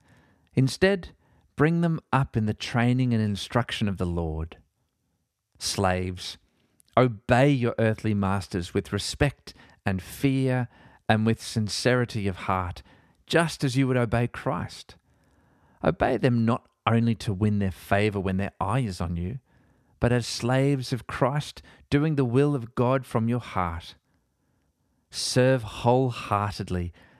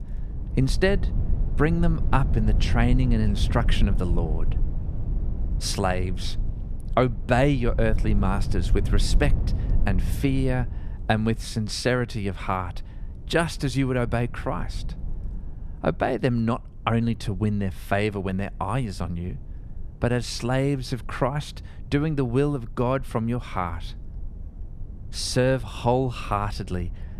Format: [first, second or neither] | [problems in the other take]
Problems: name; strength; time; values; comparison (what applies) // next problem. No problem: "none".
first | low rumble; noticeable; throughout; 20 dB below the speech